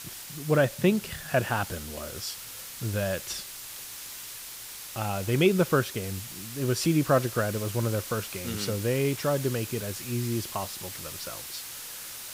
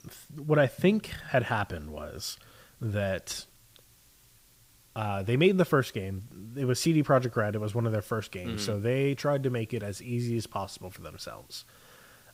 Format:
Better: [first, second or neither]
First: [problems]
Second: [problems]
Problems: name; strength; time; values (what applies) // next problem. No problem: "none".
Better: second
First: hiss; loud; throughout; 9 dB below the speech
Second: hiss; faint; throughout; 30 dB below the speech